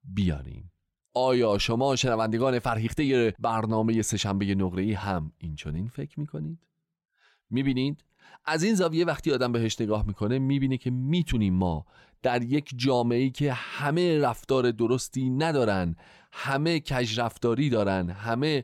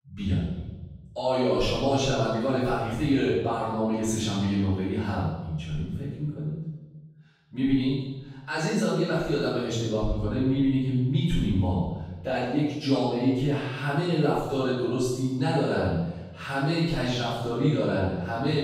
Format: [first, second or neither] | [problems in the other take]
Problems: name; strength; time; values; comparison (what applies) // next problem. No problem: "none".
first | off-mic speech; far // room echo; strong; dies away in 1 s